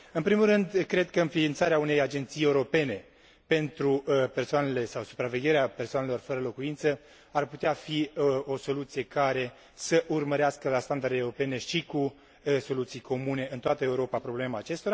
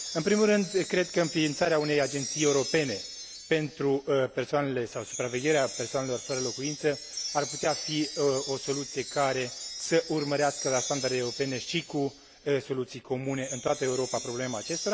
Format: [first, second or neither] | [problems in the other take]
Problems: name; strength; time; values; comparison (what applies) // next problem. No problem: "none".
first | background sound (Wind chime); 10 dB below the speech